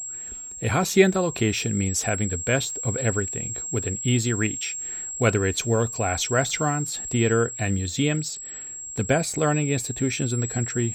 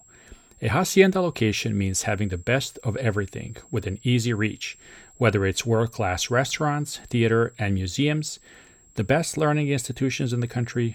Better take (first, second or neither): second